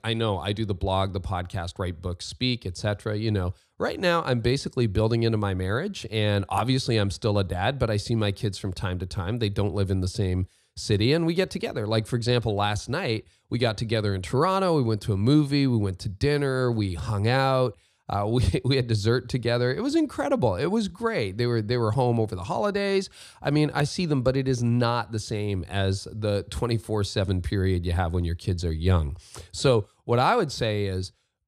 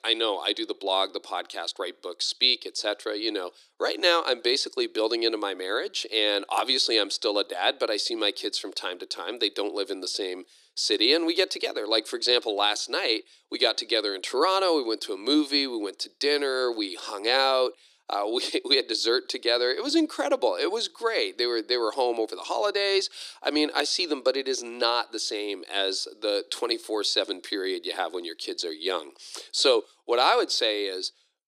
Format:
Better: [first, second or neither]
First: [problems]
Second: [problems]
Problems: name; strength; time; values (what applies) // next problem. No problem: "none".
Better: first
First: none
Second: thin; very; fading below 300 Hz